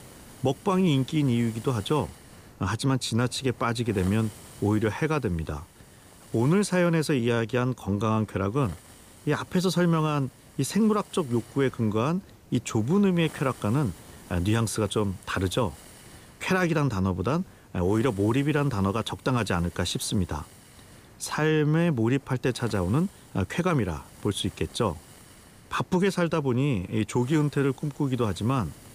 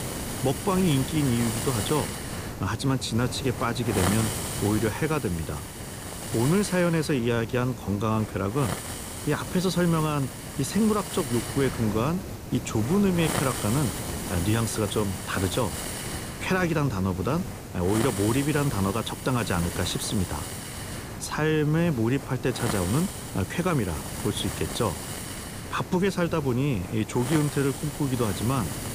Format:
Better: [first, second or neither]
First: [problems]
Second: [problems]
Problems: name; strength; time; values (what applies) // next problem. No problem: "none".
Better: first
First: hiss; faint; throughout; 20 dB below the speech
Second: hiss; loud; throughout; 6 dB below the speech